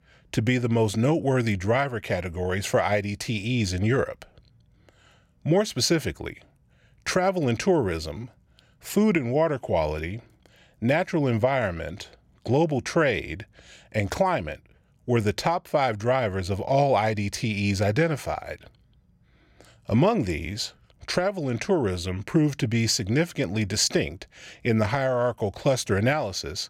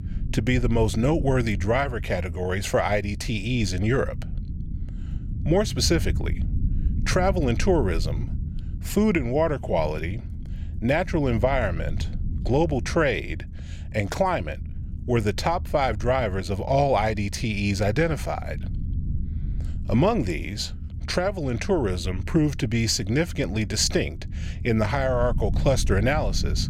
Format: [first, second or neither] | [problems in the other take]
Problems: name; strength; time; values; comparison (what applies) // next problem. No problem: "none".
first | low rumble; faint; throughout; 20 dB below the speech